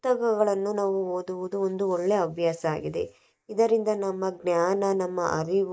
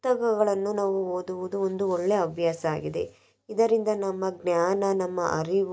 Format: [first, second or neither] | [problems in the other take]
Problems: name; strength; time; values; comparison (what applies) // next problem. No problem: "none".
second | noise reduction (neural mask model Resemble Enhance denoiser)